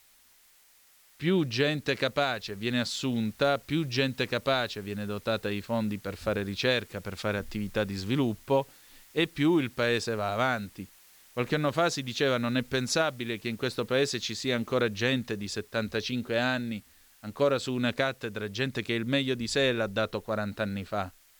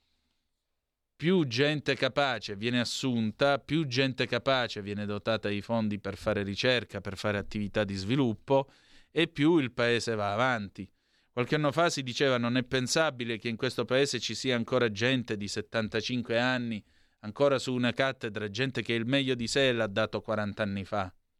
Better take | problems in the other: second | hiss; faint; throughout; 25 dB below the speech

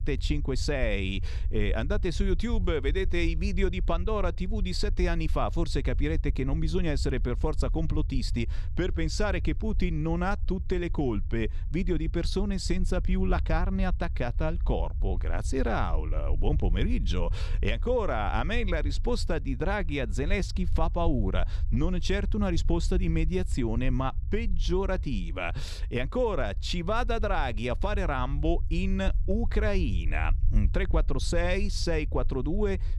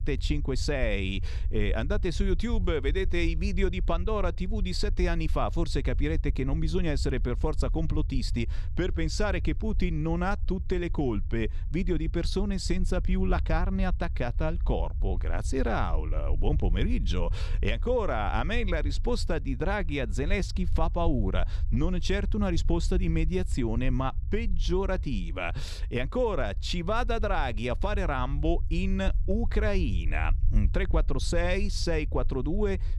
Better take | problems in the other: neither | low rumble; faint; throughout; 20 dB below the speech; the same in both

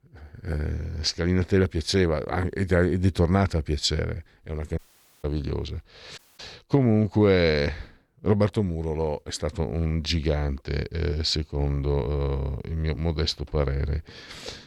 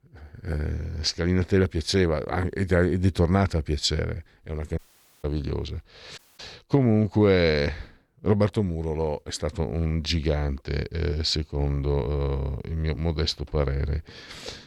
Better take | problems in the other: neither | audio cutting out; at 5 s and at 6 s; the same in both

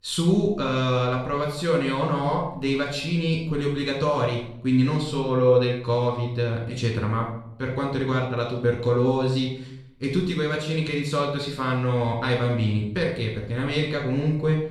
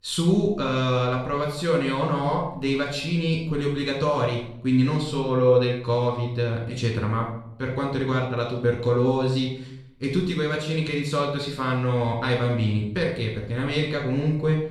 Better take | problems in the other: neither | off-mic speech; far; the same in both // room echo; noticeable; dies away in 0.6 s; the same in both

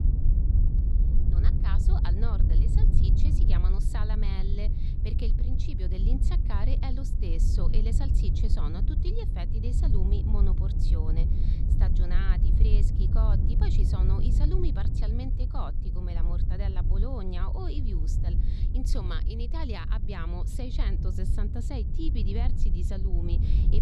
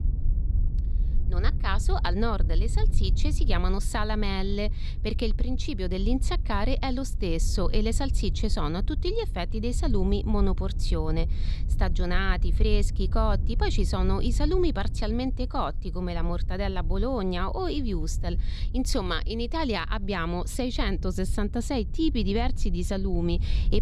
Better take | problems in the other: second | wind noise on the microphone; heavy; 2 dB below the speech; occasional gusts in the second

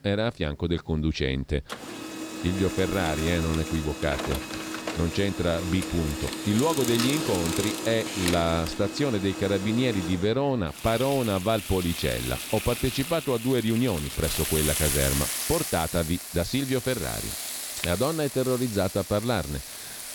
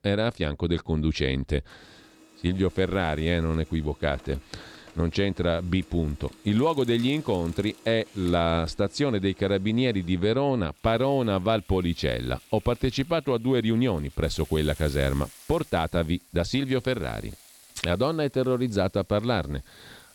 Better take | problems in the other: second | household noises; loud; throughout; 5 dB below the speech; faint in the second

